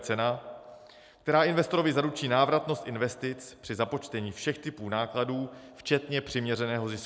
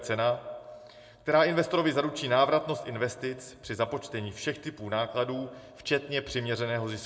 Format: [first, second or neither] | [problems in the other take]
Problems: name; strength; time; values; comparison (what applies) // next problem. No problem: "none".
first | room echo; dies away in 0.4 s